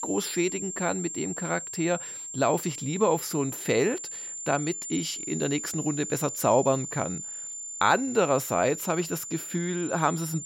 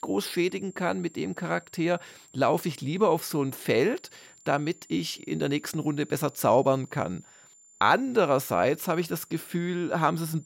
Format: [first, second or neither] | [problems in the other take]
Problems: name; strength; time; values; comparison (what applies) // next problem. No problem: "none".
second | high-pitched whine; loud; throughout; 7 kHz, 7 dB below the speech; faint in the second